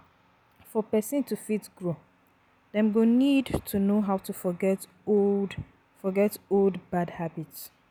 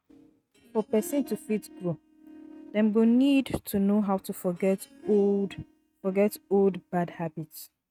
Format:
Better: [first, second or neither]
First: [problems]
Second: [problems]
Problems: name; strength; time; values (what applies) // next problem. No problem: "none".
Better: first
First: none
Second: noise reduction (neural mask model RNNoise)